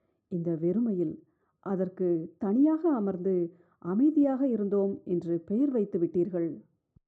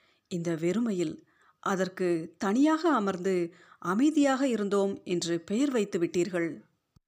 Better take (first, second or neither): second